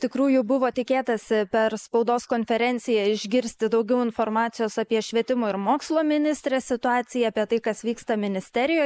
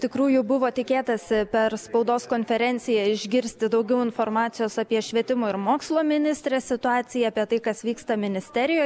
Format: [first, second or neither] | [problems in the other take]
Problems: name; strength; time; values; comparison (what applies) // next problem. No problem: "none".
second | noise reduction (neural mask model Resemble Enhance denoiser)